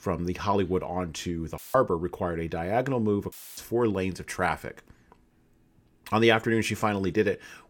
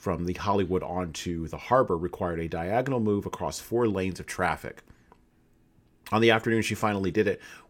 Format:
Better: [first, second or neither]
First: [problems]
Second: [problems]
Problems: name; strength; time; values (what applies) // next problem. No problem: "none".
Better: second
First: audio cutting out; filled with static; at 1.5 s and at 3.5 s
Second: none